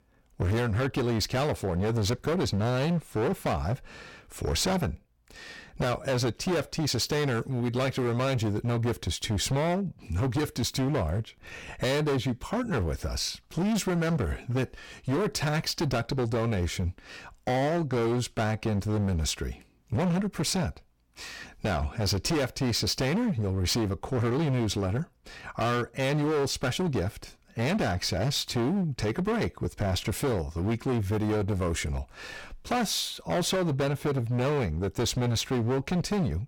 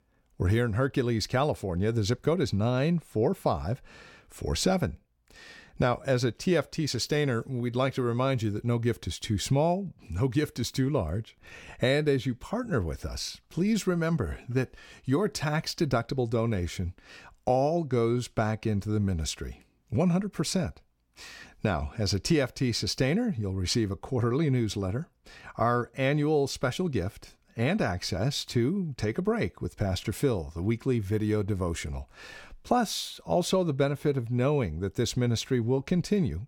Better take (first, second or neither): second